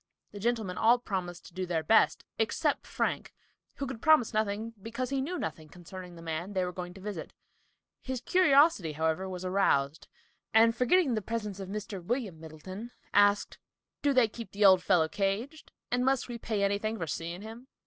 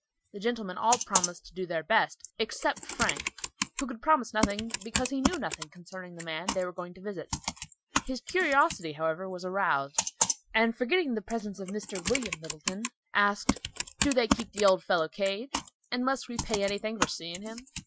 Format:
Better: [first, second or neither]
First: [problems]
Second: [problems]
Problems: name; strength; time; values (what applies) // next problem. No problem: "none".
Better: first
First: none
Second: noise reduction (classical method Wiener filter)